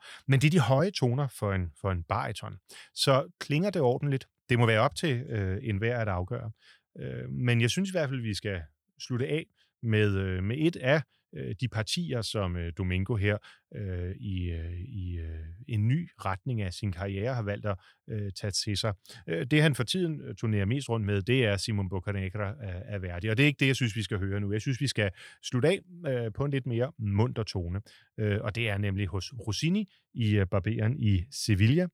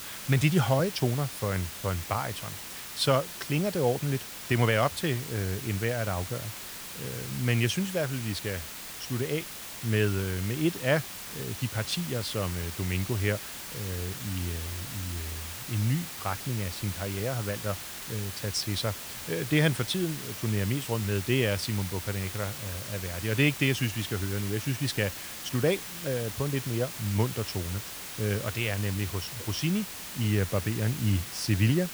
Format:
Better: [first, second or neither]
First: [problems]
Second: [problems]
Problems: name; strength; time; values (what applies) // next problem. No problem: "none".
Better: first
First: none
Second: hiss; loud; throughout; 7 dB below the speech